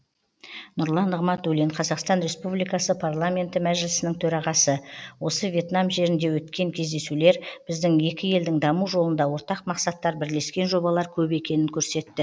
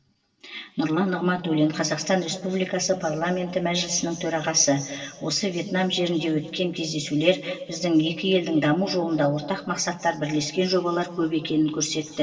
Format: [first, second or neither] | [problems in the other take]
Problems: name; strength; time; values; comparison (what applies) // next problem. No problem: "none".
first | room echo; dies away in 2.4 s